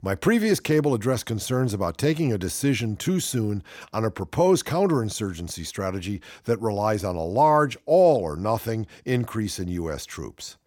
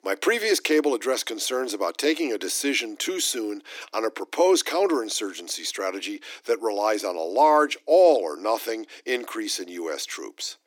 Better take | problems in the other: first | thin; somewhat; fading below 300 Hz

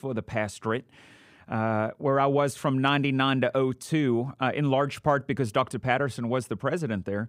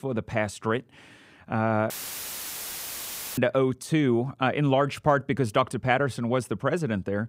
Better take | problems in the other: first | audio cutting out; filled with static; at 2 s for 1.5 s

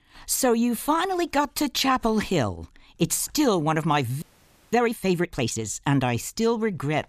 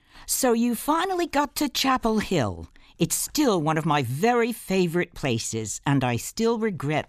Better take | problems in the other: second | audio freezing; at 4 s for 0.5 s

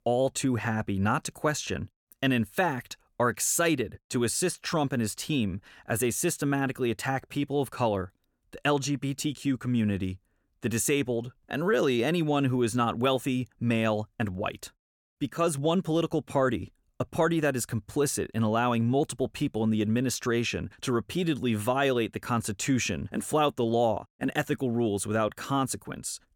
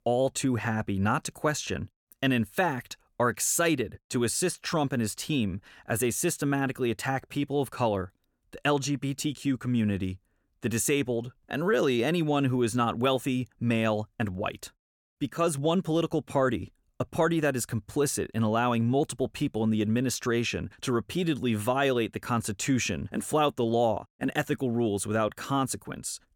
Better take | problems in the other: neither | none

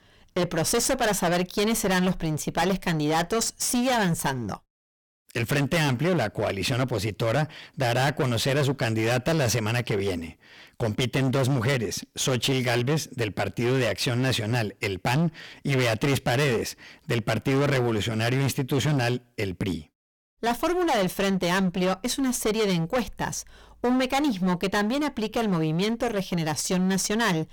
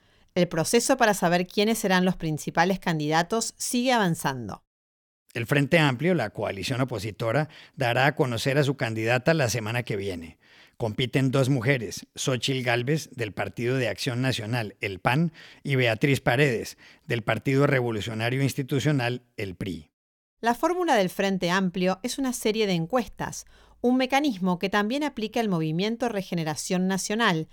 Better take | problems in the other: second | distortion; heavy; 21% of the sound clipped

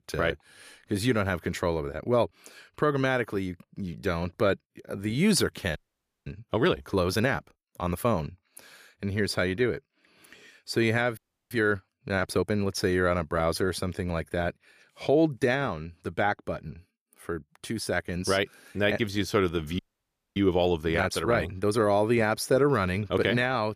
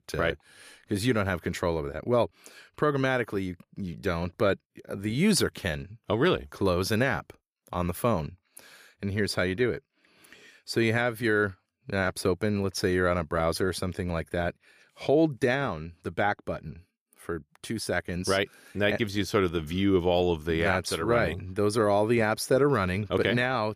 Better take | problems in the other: second | audio freezing; at 6 s for 0.5 s, at 11 s and at 20 s for 0.5 s

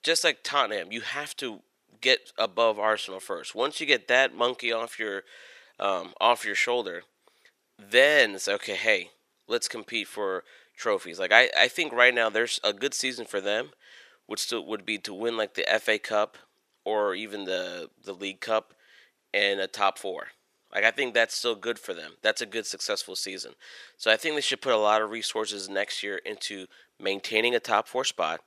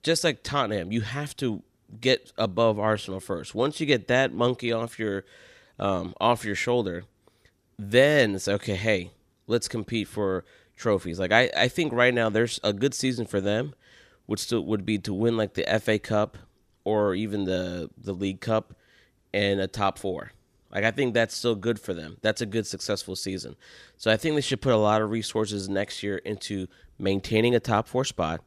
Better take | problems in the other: second | thin; somewhat; fading below 500 Hz

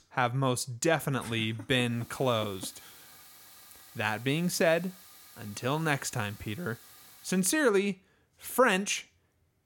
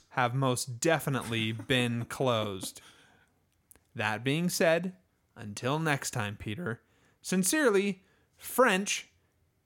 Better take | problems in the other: second | hiss; faint; from 2 to 7.5 s; 20 dB below the speech

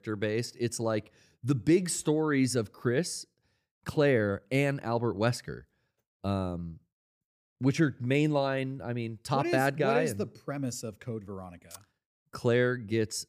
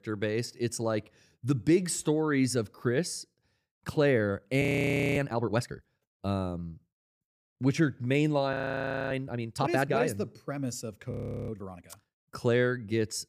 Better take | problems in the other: first | audio freezing; at 4.5 s for 0.5 s, at 8.5 s for 0.5 s and at 11 s

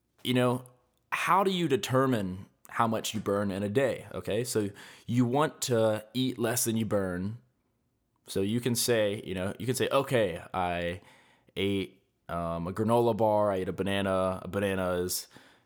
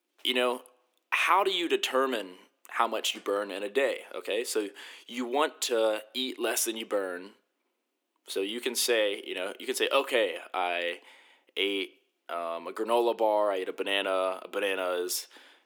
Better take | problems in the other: first | thin; somewhat; fading below 300 Hz

